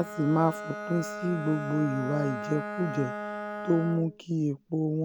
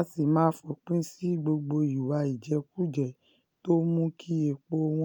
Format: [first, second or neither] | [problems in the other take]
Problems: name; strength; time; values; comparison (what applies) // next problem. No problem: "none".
second | background sound (Bowed string instrument); 8 dB below the speech